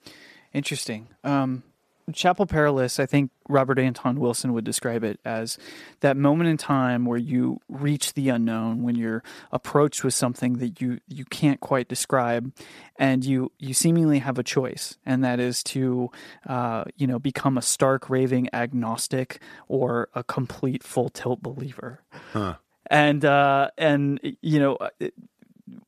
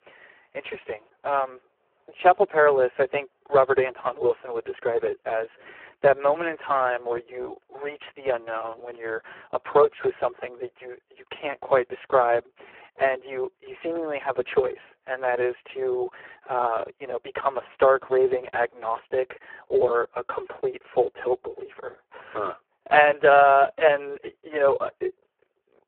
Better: first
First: none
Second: phone-call audio; poor line

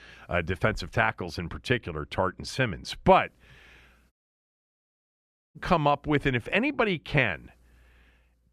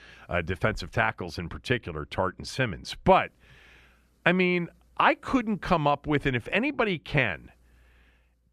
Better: second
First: audio cutting out; at 4 s for 1.5 s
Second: none

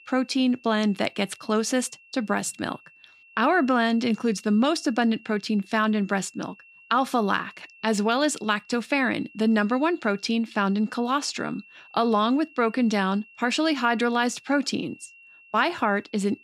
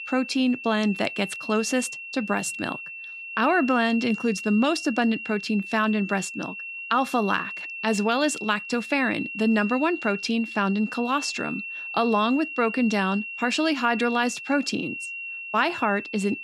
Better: first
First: high-pitched whine; faint; throughout; 2.5 kHz, 25 dB below the speech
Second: high-pitched whine; loud; throughout; 2.5 kHz, 9 dB below the speech

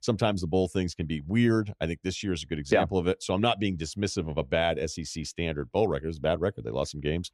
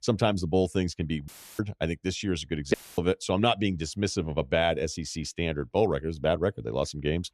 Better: first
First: none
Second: audio cutting out; filled with static; at 1.5 s and at 2.5 s

